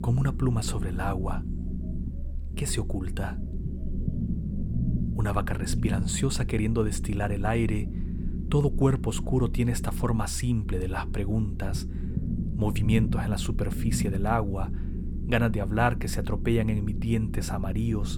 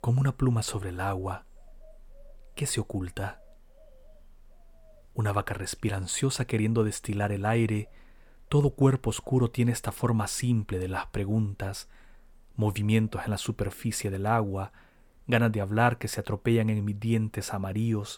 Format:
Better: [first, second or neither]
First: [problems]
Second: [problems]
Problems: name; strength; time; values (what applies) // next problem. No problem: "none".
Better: second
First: low rumble; noticeable; throughout; 10 dB below the speech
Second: none